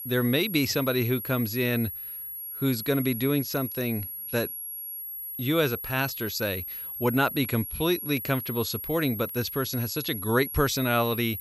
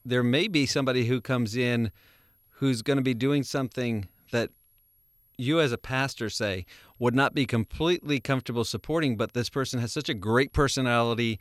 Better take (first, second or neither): second